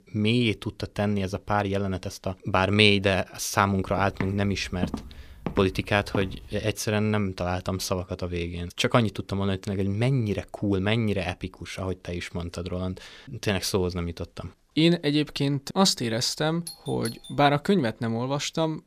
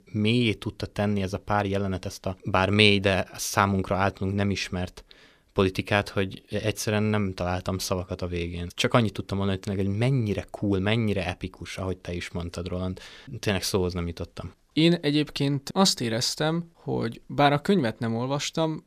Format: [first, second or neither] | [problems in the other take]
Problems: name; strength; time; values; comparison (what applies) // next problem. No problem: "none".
second | footsteps; noticeable; from 4 to 6.5 s; peak 8 dB below the speech // doorbell; faint; at 17 s; peak 15 dB below the speech